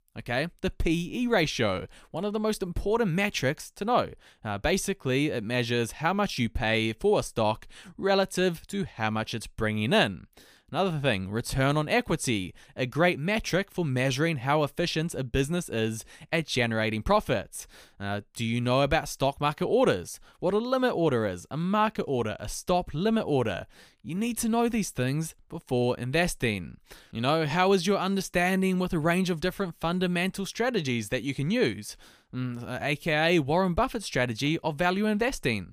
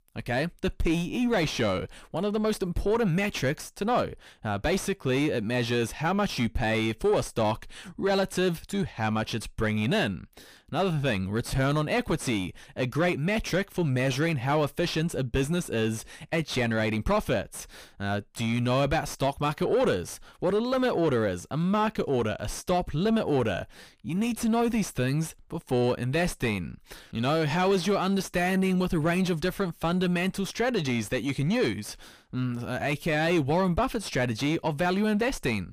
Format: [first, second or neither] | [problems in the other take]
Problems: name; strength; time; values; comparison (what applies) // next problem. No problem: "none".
first | distortion; slight; 10 dB below the speech